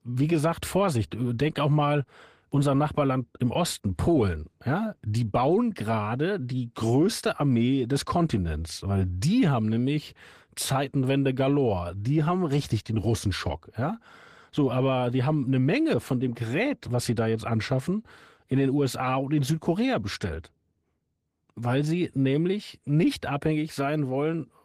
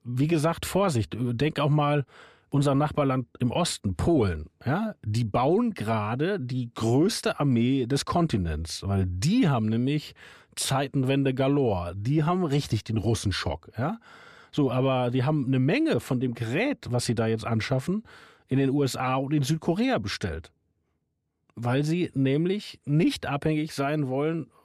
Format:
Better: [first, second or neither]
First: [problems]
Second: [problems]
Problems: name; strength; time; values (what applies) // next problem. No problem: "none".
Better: second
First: garbled, watery; slightly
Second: none